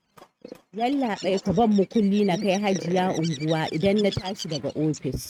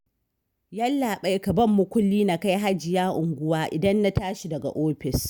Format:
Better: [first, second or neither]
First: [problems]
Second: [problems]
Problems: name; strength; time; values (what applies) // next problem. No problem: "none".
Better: second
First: noise reduction (neural mask model RNNoise)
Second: none